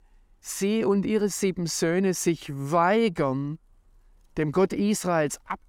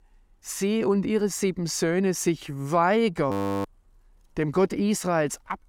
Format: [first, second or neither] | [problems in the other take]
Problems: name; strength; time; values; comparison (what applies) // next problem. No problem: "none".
first | audio freezing; at 3.5 s